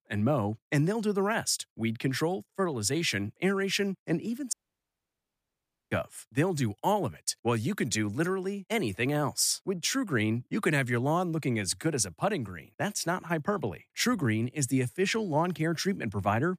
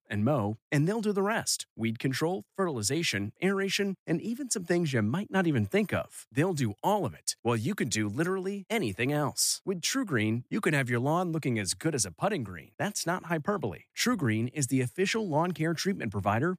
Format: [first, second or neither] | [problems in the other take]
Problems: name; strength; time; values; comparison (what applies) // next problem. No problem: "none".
second | audio cutting out; at 4.5 s for 1.5 s